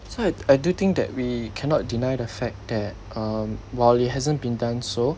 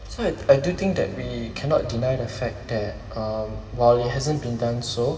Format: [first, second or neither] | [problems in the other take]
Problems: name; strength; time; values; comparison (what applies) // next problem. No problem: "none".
first | room echo; dies away in 2.3 s